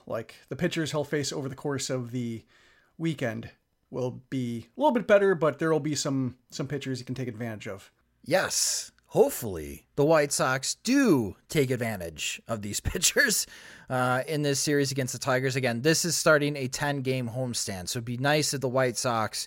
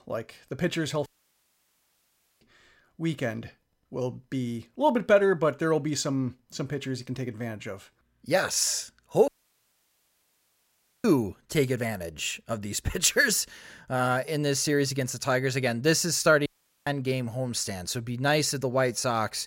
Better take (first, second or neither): first